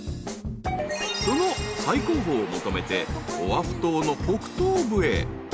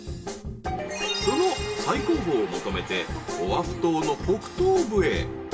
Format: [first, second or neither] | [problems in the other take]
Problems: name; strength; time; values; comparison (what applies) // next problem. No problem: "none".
first | room echo; dies away in 0.2 s